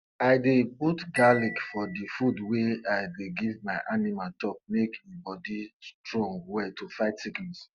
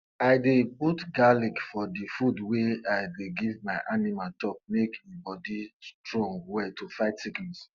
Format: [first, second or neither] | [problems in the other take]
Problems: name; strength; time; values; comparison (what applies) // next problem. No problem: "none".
second | background sound (Marimba, xylophone); 13 dB below the speech